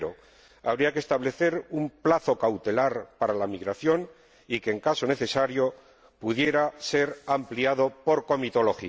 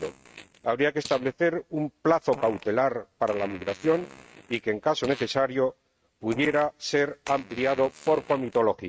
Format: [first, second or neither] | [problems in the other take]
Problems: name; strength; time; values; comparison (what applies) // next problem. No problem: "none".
first | noise reduction (neural mask model RNNoise)